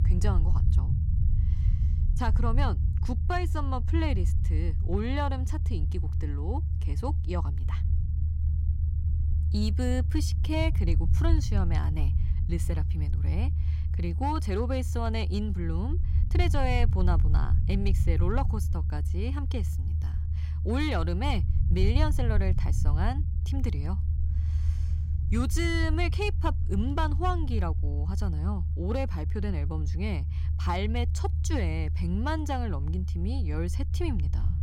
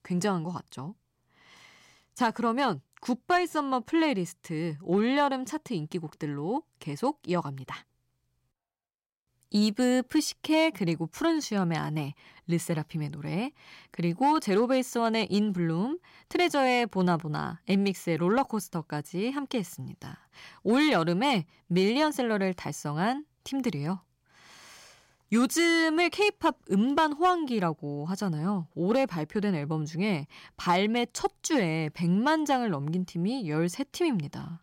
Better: second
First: low rumble; noticeable; throughout; 10 dB below the speech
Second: none

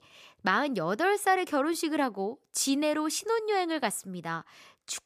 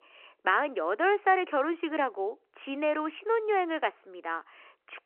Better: first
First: none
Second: phone-call audio

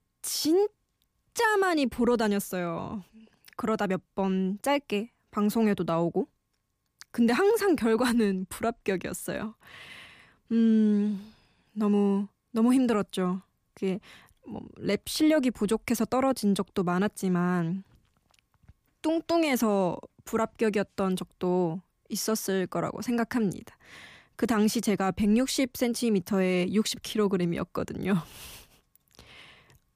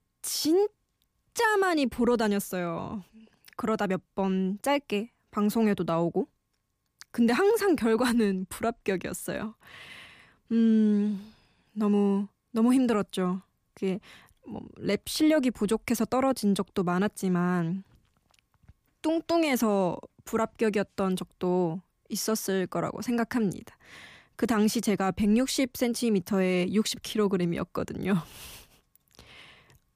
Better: neither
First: none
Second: none

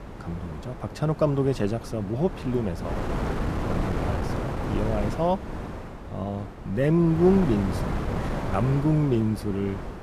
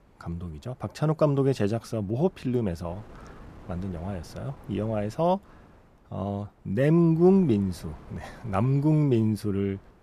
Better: second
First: wind noise on the microphone; heavy; 6 dB below the speech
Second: wind noise on the microphone; occasional gusts; 25 dB below the speech

